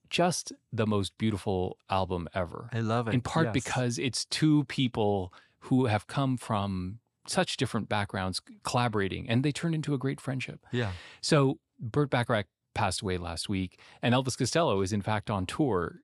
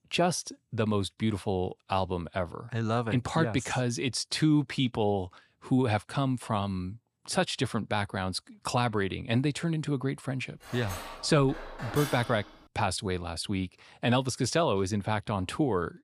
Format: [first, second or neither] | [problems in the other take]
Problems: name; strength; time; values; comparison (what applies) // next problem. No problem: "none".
first | clattering dishes; noticeable; from 11 to 13 s; peak 7 dB below the speech